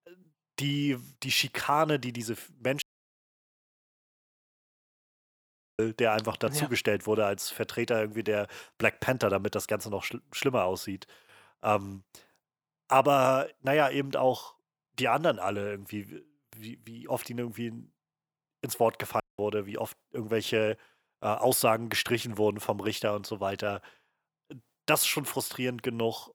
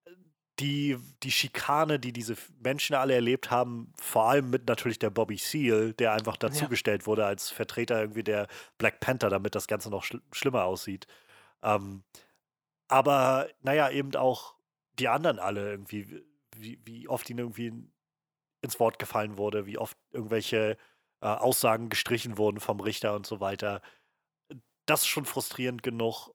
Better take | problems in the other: second | audio cutting out; at 3 s for 3 s and at 19 s

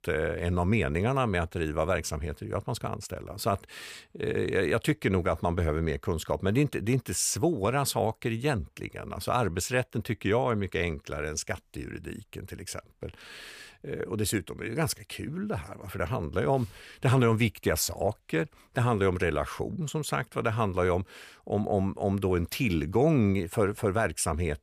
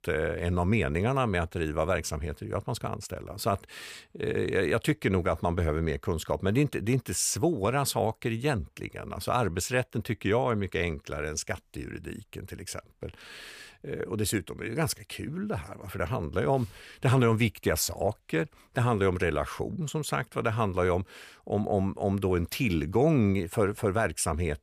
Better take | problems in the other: neither | none

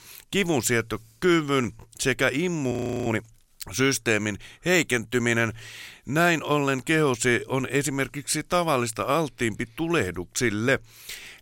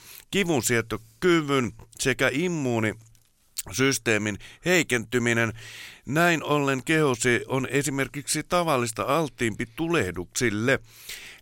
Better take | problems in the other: second | audio freezing; at 2.5 s

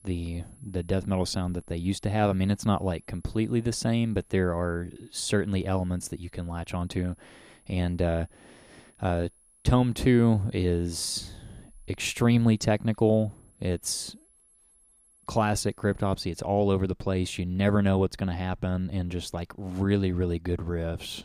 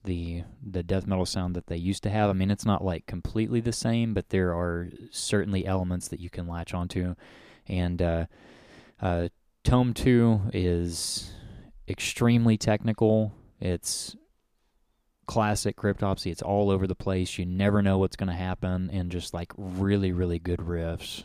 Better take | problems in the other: second | high-pitched whine; faint; until 16 s; 11 kHz, 30 dB below the speech

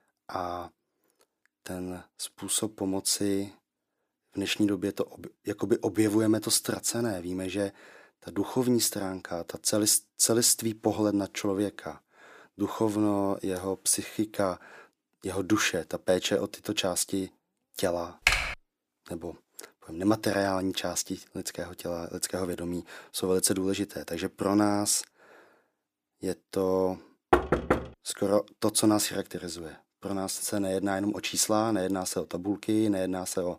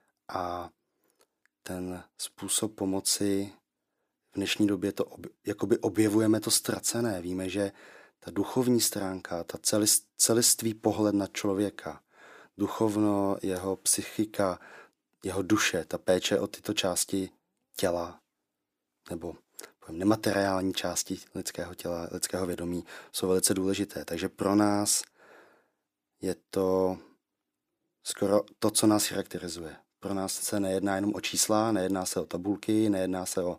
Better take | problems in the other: second | keyboard typing; loud; at 18 s; peak 4 dB above the speech // door banging; loud; at 27 s; peak 3 dB above the speech

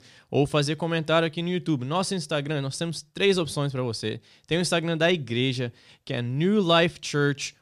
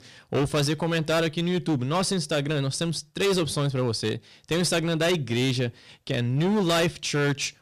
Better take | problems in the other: first | distortion; heavy; 14% of the sound clipped

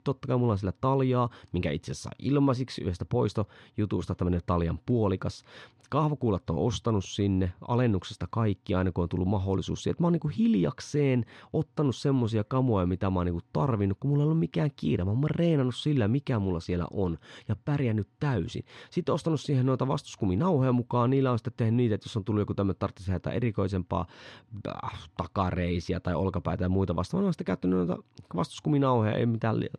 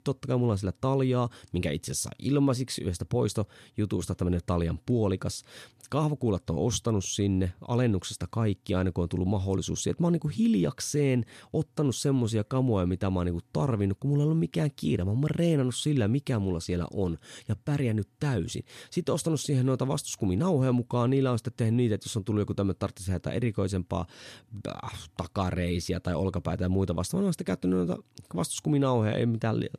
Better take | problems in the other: second | muffled; slightly; fading above 4 kHz

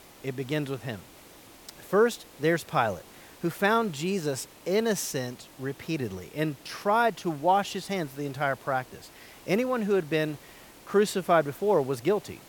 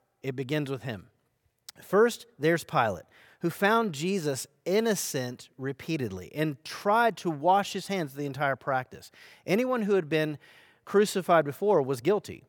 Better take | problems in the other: second | hiss; faint; throughout; 20 dB below the speech

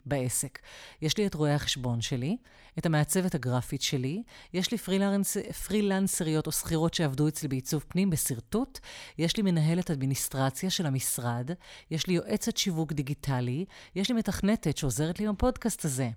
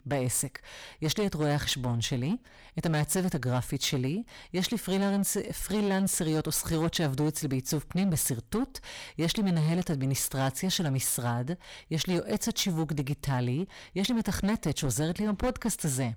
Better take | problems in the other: first | distortion; slight; 13% of the sound clipped

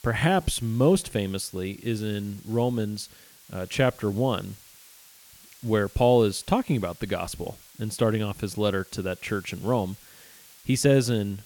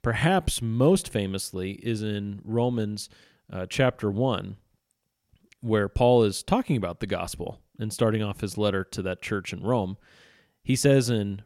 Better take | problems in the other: second | hiss; faint; throughout; 25 dB below the speech

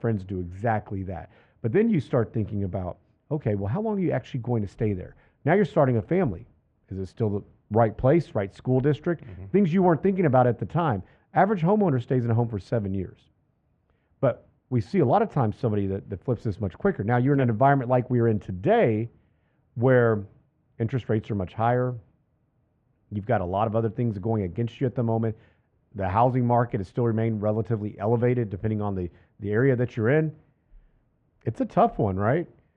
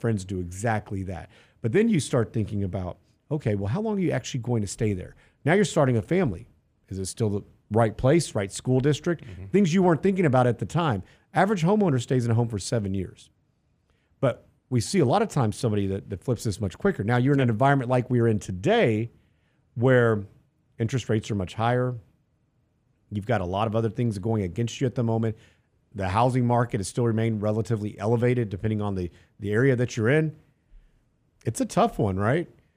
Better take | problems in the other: second | muffled; very; fading above 2 kHz

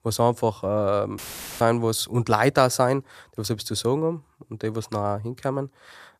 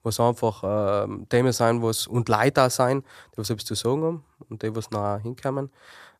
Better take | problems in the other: second | audio cutting out; filled with static; at 1 s

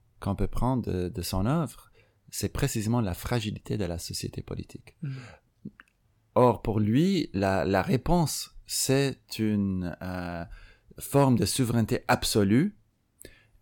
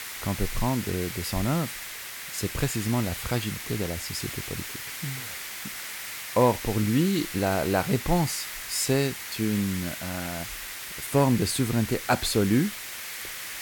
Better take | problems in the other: first | hiss; loud; throughout; 7 dB below the speech

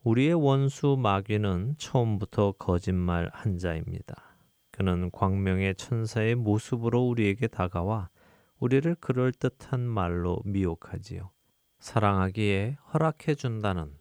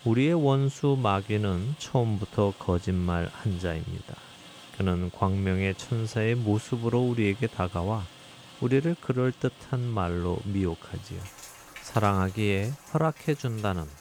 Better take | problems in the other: first | rain or running water; noticeable; throughout; 20 dB below the speech

